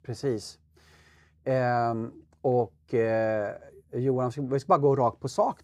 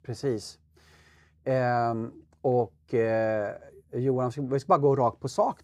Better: neither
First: none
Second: none

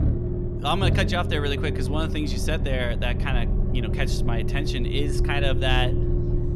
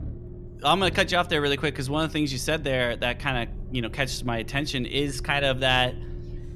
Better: second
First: low rumble; loud; throughout; 7 dB below the speech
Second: low rumble; faint; throughout; 25 dB below the speech

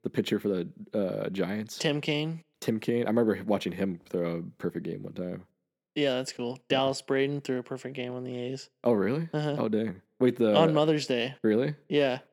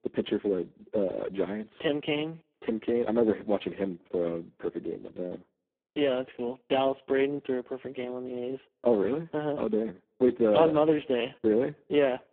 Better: first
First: none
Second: phone-call audio; poor line

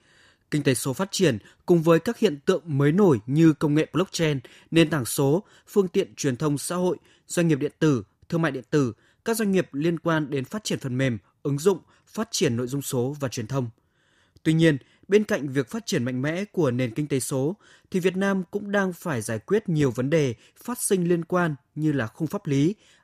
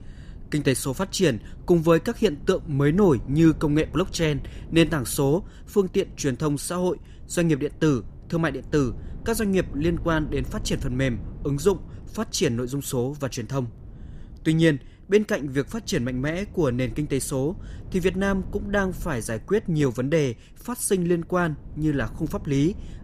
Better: first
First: none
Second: wind noise on the microphone; occasional gusts; 25 dB below the speech

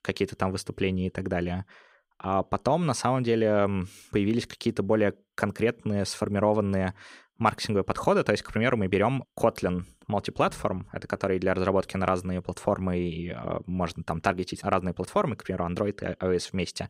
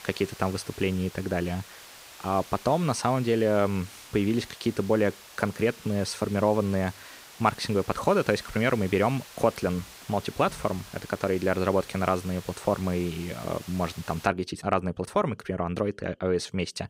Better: first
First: none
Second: hiss; noticeable; until 14 s; 15 dB below the speech

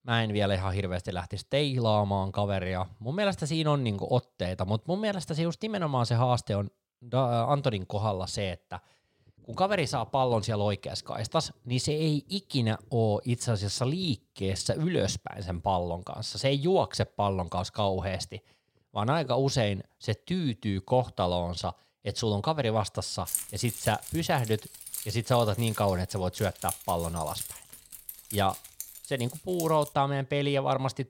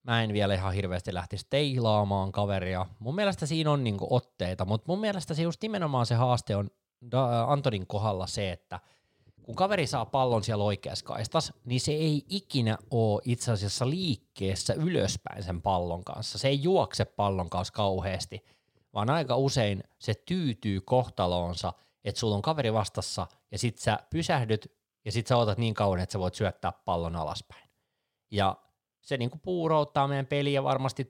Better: second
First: jangling keys; noticeable; from 23 to 30 s; peak 2 dB below the speech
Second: none

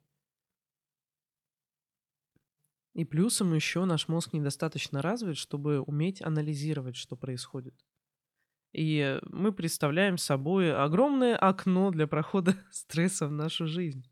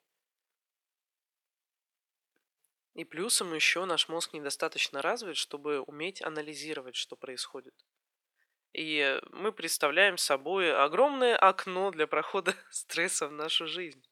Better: first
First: none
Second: thin; very; fading below 450 Hz

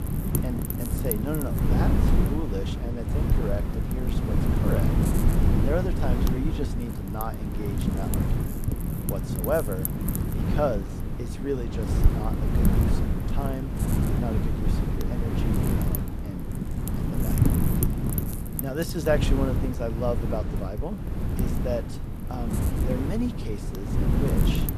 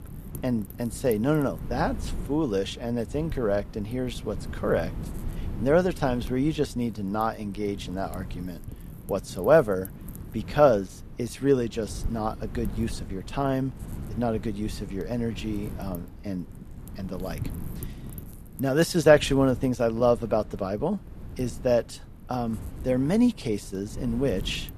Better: second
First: wind noise on the microphone; heavy; 2 dB below the speech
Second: wind noise on the microphone; occasional gusts; 20 dB below the speech

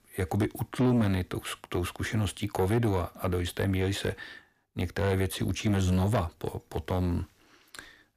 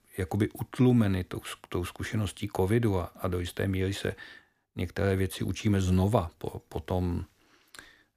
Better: second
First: distortion; slight; 10 dB below the speech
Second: none

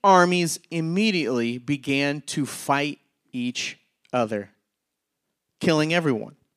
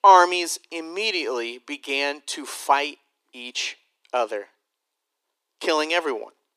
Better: first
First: none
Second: thin; very; fading below 350 Hz

